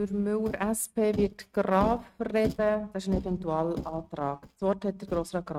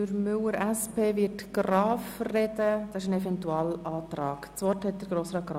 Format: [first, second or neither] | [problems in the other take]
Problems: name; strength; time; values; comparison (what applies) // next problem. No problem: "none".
second | noise reduction (neural mask model RNNoise)